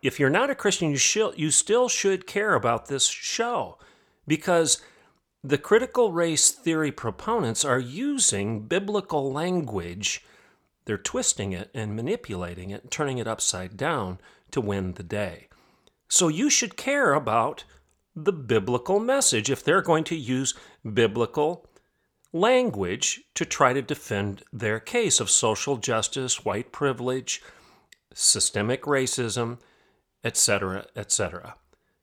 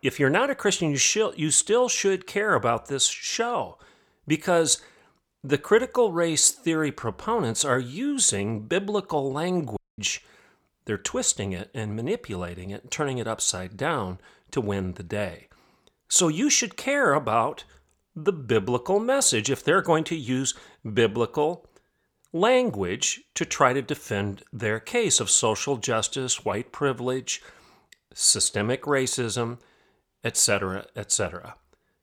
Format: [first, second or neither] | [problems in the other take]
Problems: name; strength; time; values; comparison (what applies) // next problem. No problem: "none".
first | audio cutting out; at 10 s